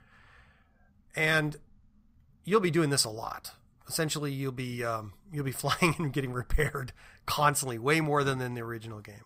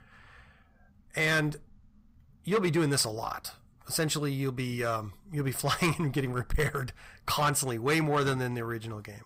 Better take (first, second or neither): first